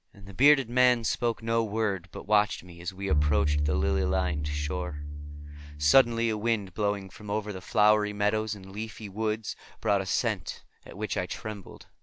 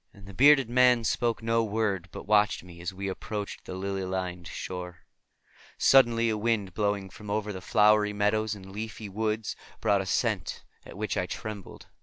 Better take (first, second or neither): second